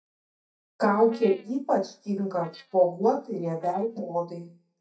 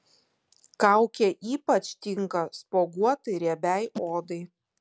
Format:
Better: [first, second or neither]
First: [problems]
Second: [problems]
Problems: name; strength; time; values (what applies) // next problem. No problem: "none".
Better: second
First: noise reduction (neural mask model DeepFilterNet 3)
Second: none